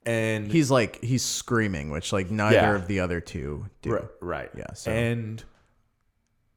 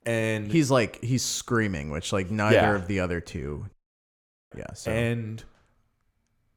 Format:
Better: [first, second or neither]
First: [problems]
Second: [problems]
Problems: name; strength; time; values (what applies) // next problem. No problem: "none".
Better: first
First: none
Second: audio cutting out; at 3.5 s for 1 s